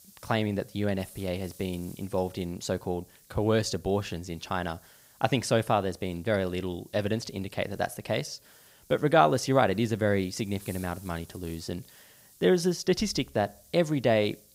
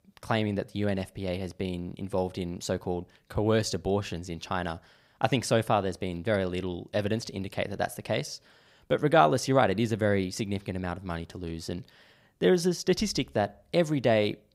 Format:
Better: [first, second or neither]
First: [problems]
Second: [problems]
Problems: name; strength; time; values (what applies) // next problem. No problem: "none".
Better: second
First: hiss; faint; throughout; 25 dB below the speech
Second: none